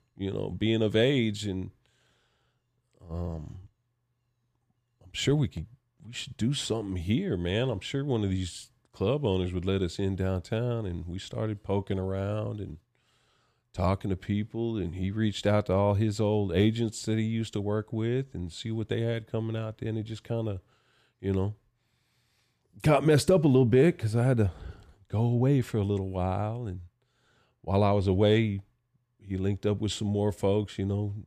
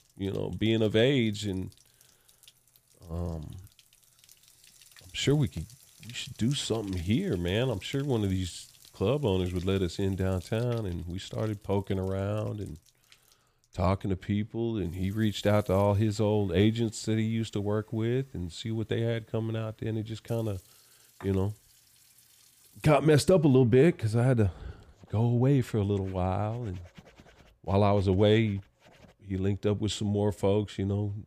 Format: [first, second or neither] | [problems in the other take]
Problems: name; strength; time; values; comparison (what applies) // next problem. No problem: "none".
first | household noises; faint; throughout; 25 dB below the speech